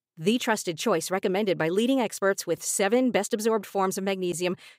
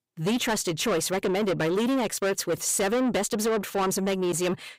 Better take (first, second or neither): first